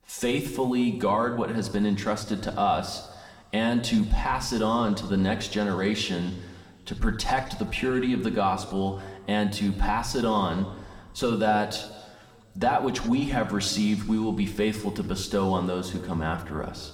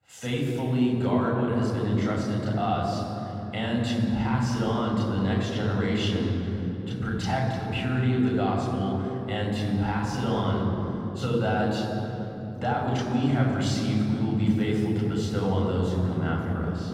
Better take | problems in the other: first | room echo; strong; dies away in 3 s; slight in the first // off-mic speech; far

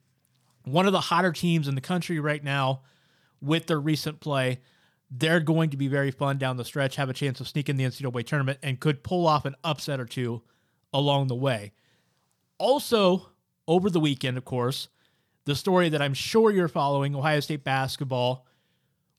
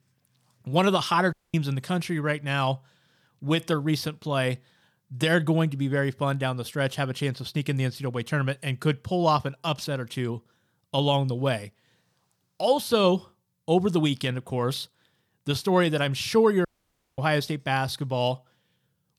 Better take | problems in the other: first | audio cutting out; at 1.5 s and at 17 s for 0.5 s

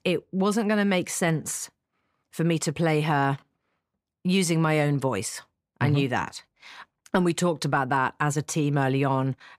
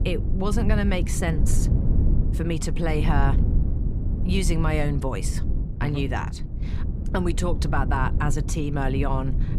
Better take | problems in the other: first | low rumble; loud; throughout; 9 dB below the speech

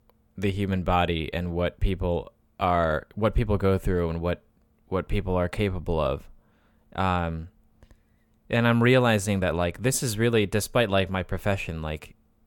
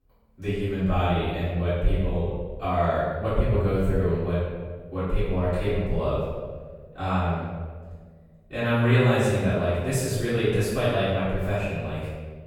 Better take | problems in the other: first | off-mic speech; far // room echo; strong; dies away in 1.4 s

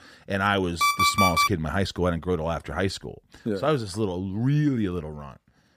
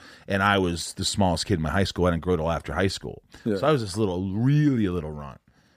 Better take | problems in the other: second | alarm; loud; at 1 s; peak 6 dB above the speech

